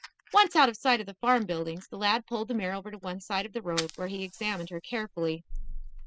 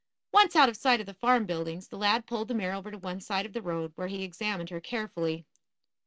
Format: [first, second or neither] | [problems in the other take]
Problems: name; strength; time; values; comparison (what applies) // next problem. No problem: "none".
second | noise reduction (classical method spectral subtraction)